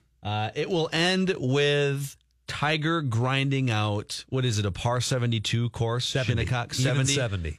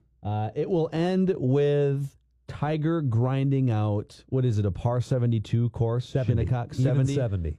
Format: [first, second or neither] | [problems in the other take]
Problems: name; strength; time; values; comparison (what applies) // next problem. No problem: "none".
first | muffled; slightly; fading above 1 kHz